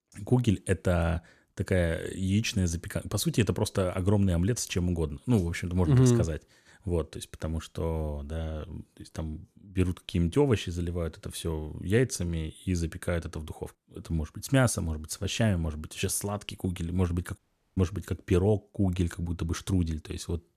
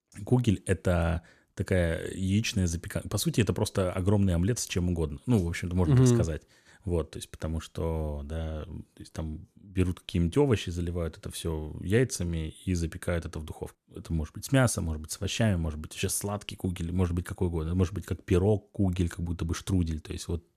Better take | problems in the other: second | audio cutting out; at 17 s

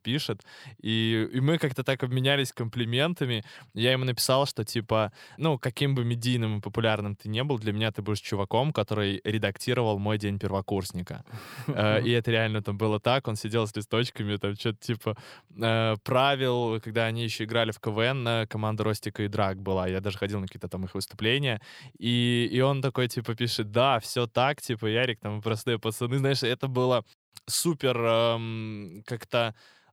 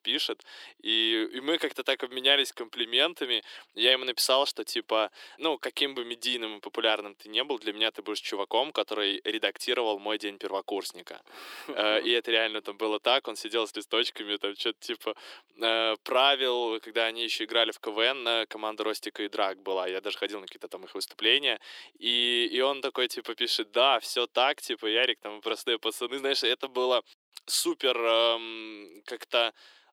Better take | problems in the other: first | thin; very; fading below 300 Hz

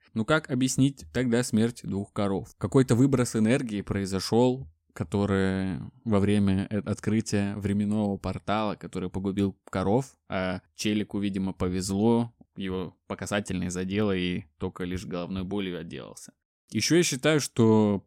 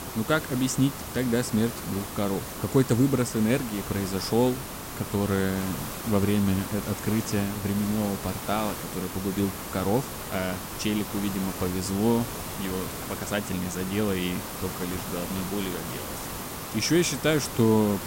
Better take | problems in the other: first | hiss; loud; throughout; 7 dB below the speech

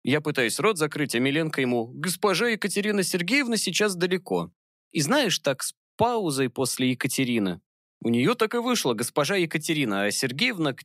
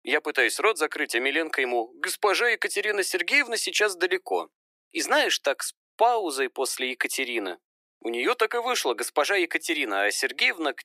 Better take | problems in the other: first | thin; very; fading below 350 Hz

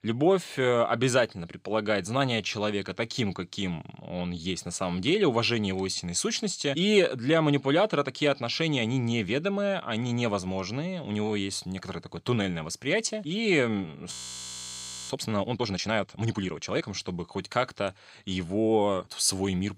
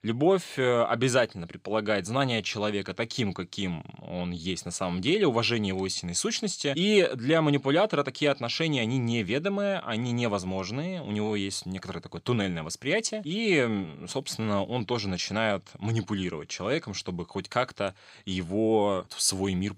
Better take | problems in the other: second | audio freezing; at 14 s for 1 s

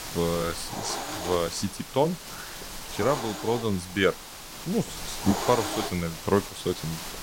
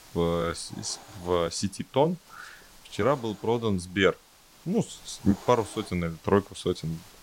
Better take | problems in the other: second | hiss; loud; throughout; 6 dB below the speech; faint in the second

